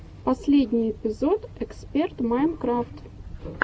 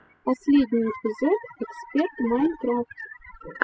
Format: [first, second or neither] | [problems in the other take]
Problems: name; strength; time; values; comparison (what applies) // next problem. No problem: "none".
first | noise reduction (classical method spectral subtraction)